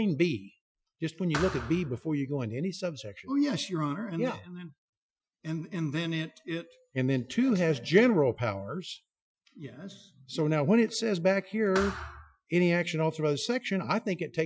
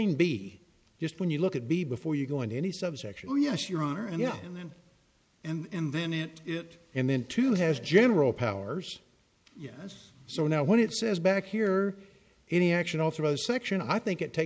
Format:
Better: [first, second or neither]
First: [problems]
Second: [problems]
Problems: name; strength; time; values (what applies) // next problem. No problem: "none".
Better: second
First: noise reduction (classical method Wiener filter)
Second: none